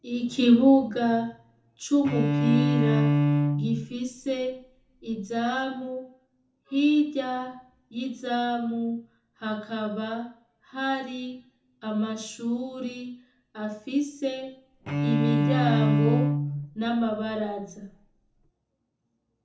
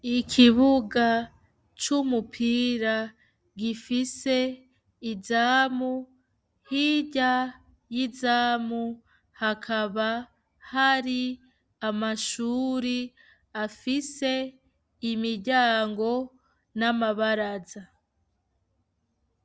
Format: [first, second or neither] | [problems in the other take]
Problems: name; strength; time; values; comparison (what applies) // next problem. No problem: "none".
second | background sound (Bowed string instrument); 2 dB above the speech // room echo; dies away in 0.6 s